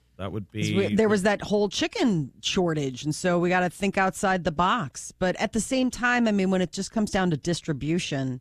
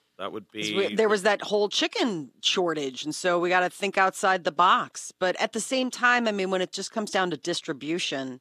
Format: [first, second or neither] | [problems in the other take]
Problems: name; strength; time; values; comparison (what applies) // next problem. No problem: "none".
first | thin; somewhat; fading below 350 Hz